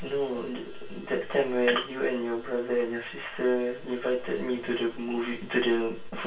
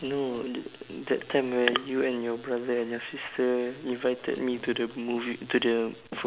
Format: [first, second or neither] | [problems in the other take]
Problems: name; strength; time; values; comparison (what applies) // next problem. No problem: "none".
second | room echo; dies away in 0.2 s